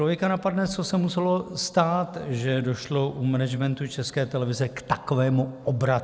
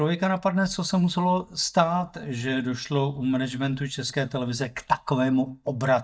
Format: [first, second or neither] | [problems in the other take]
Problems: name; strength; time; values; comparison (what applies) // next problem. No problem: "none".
first | noise reduction (neural mask model DeepFilterNet 3)